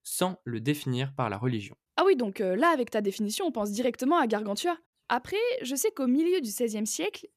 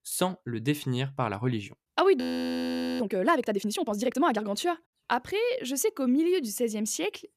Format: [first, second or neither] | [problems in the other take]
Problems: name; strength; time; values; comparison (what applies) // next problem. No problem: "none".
first | audio freezing; at 2 s for 1 s